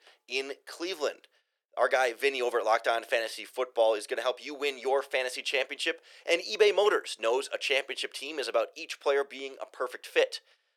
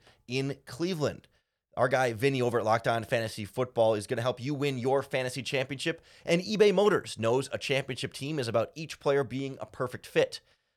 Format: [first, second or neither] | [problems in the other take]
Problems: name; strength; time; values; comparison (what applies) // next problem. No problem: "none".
second | thin; very; fading below 350 Hz